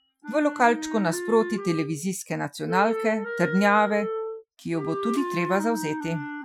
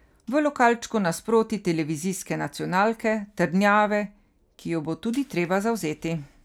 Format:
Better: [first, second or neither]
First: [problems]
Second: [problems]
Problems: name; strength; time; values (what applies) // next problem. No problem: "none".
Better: second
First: noise reduction (classical method Wiener filter)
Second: none